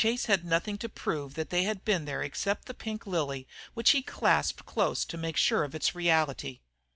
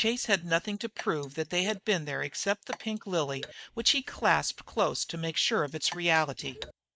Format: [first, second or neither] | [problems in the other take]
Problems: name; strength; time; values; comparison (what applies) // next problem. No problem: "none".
first | noise reduction (neural mask model Resemble Enhance denoiser)